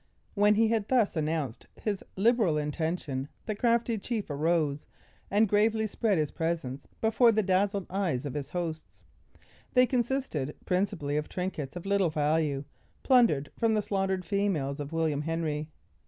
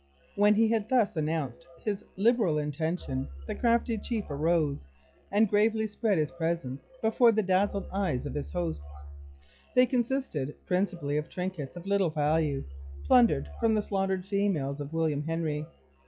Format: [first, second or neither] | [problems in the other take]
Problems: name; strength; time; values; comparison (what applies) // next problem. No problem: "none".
first | noise reduction (classical method log-MMSE)